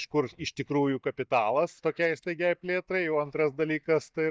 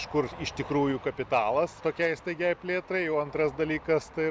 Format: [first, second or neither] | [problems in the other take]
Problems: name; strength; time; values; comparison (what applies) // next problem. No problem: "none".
second | noise reduction (neural mask model DeepFilterNet 3)